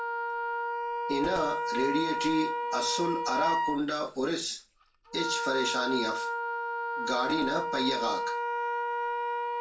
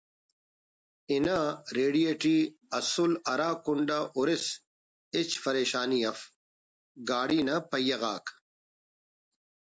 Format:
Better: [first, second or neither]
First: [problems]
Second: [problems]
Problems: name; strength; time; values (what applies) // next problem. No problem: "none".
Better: second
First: background sound (Wind instrument, woodwind instrument); as loud as the speech // room echo; dies away in 0.3 s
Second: none